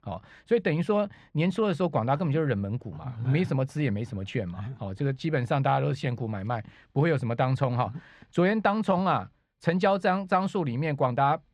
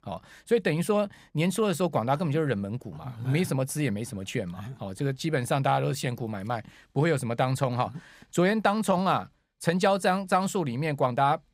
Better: second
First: muffled; slightly; fading above 3.5 kHz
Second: none

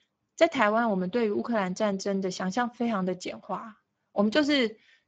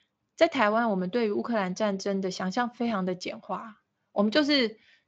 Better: second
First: garbled, watery; badly; nothing above 7.5 kHz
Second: garbled, watery; slightly

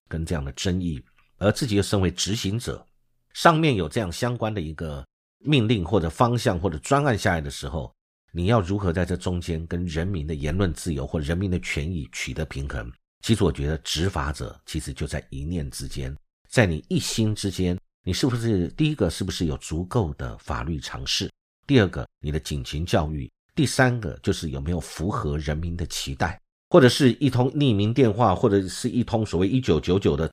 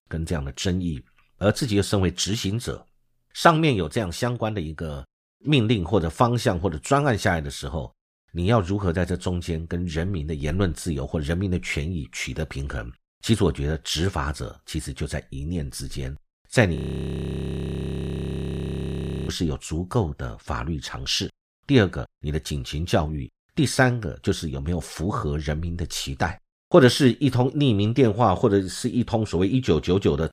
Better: first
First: none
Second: audio freezing; at 17 s for 2.5 s

